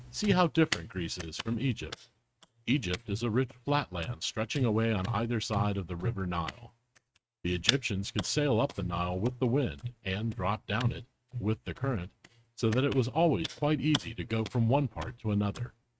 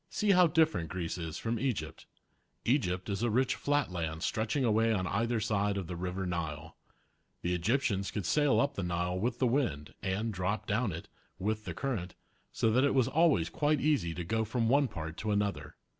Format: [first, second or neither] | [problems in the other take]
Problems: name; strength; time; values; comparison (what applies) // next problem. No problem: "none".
second | noise reduction (neural mask model RNNoise)